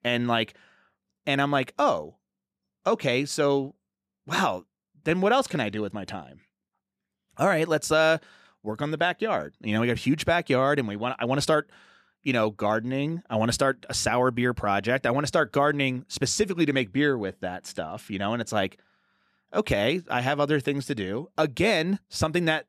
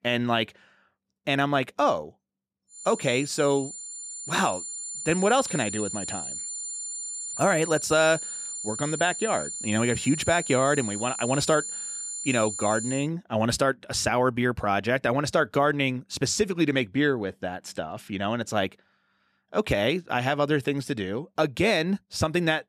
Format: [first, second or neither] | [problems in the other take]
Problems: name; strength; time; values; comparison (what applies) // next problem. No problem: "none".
first | high-pitched whine; loud; from 3 to 13 s; 7 kHz, 7 dB below the speech